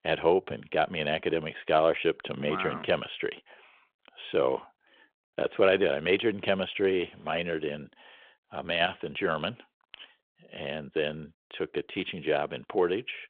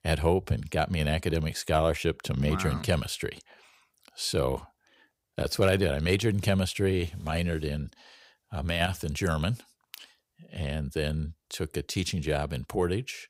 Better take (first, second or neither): second